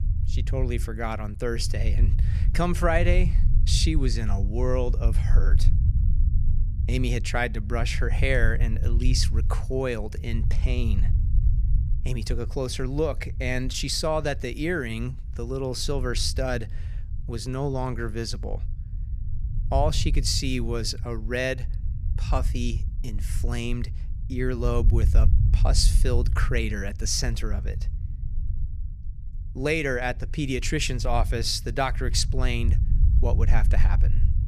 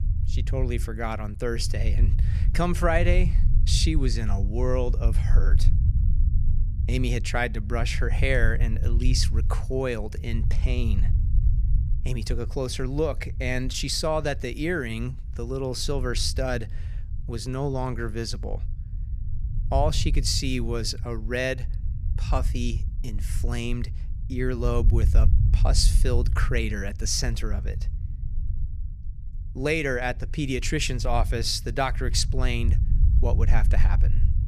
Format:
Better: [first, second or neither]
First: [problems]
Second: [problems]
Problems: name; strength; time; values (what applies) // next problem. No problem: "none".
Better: neither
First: low rumble; noticeable; throughout; 15 dB below the speech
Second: low rumble; noticeable; throughout; 15 dB below the speech